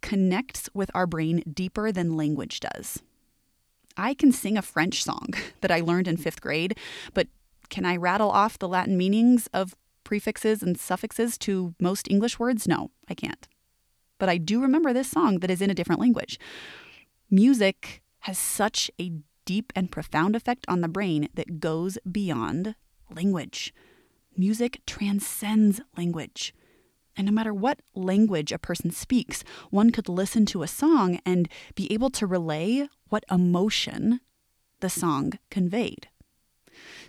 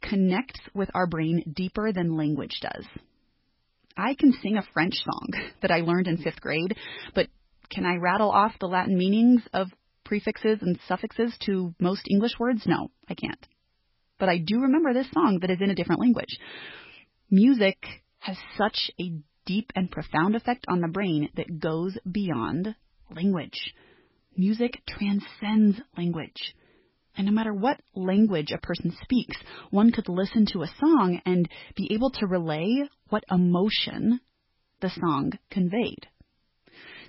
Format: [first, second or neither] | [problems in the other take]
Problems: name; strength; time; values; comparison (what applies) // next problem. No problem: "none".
first | garbled, watery; badly; nothing above 5.5 kHz